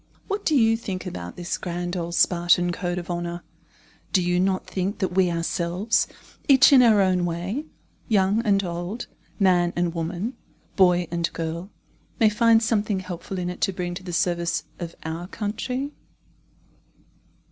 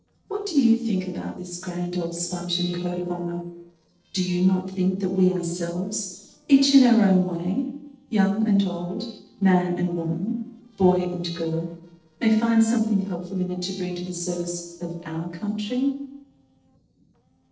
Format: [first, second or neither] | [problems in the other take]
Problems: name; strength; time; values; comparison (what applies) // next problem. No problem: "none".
first | noise reduction (neural separator model SepFormer DNS4)